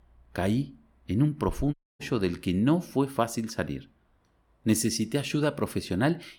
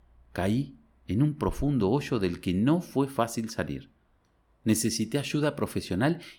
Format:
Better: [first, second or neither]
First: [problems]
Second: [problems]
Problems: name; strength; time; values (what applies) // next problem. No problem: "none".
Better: second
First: audio cutting out; at 1.5 s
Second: none